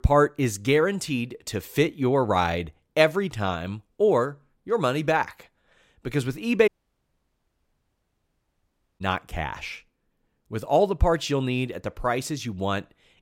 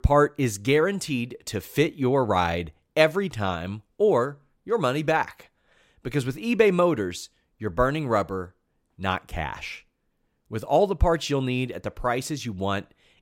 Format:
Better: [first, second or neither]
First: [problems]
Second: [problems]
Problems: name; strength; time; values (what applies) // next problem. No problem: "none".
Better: second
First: audio cutting out; at 6.5 s for 2.5 s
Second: none